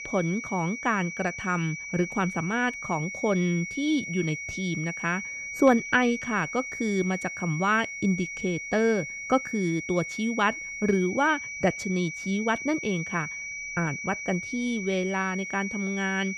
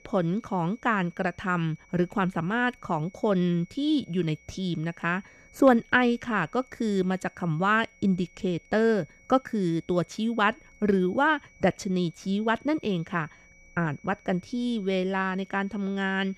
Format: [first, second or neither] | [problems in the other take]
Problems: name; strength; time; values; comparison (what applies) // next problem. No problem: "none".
second | high-pitched whine; loud; throughout; 2 kHz, 7 dB below the speech; faint in the second